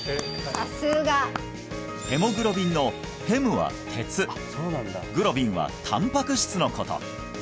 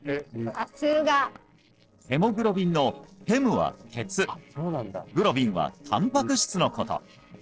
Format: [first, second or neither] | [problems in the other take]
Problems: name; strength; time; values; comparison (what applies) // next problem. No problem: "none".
first | noise reduction (neural separator model SepFormer DNS4)